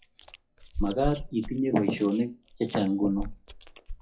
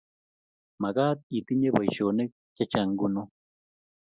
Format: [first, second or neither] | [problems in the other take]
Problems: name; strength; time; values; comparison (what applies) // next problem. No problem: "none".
second | noise reduction (classical method WPE with log-MMSE)